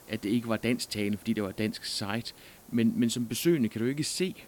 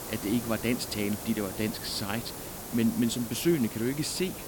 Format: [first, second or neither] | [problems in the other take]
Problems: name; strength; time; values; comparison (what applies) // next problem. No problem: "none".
first | hiss; loud; throughout; 8 dB below the speech; faint in the first